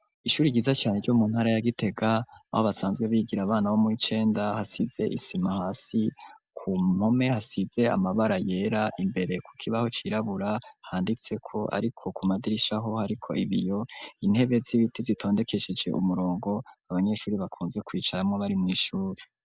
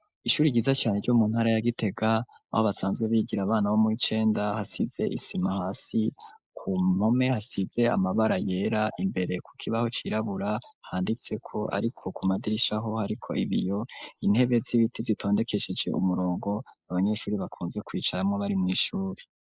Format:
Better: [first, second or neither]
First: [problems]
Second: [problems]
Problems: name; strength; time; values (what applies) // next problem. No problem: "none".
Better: first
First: none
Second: noise reduction (neural mask model Resemble Enhance denoiser)